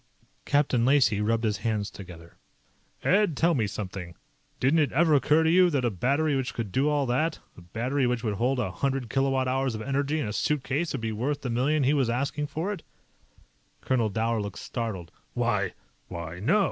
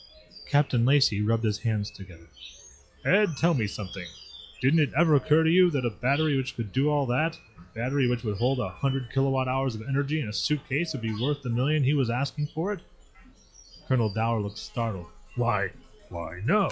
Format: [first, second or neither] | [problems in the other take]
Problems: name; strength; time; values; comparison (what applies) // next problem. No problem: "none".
first | noise reduction (classical method log-MMSE)